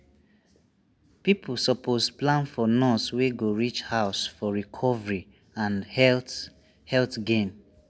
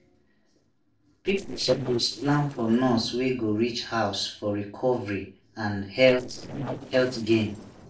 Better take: first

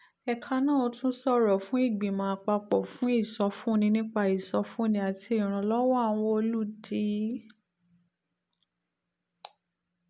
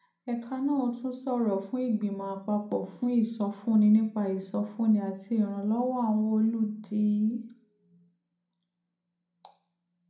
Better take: first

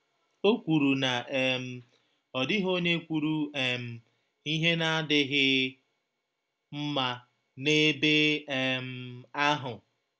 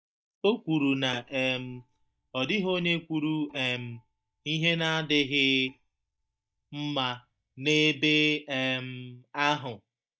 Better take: first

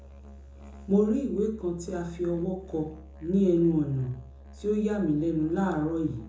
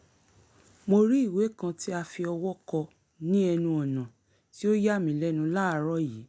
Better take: second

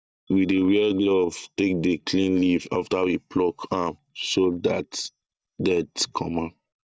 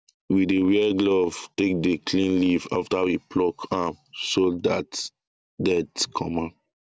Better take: second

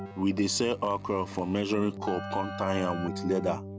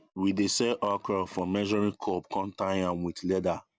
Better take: second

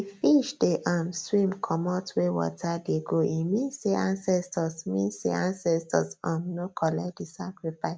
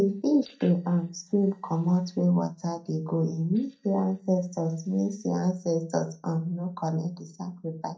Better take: first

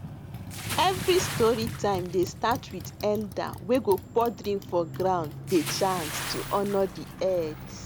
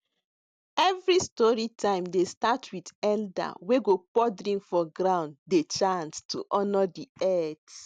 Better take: second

